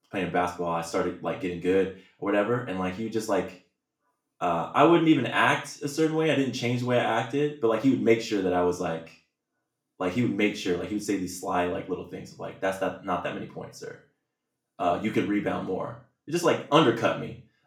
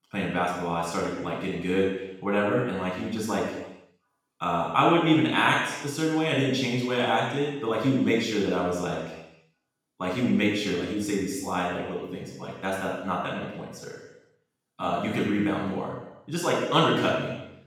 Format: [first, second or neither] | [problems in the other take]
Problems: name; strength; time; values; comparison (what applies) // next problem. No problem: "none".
first | room echo; strong; dies away in 0.9 s; slight in the first // off-mic speech; far; far in the first